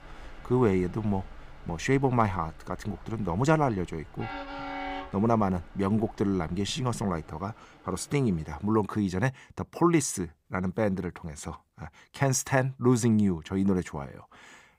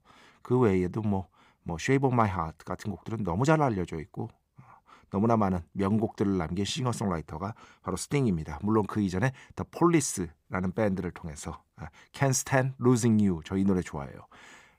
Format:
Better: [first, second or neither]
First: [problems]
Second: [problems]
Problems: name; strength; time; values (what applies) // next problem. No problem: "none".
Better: second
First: train or aircraft noise; noticeable; until 8.5 s; 15 dB below the speech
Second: none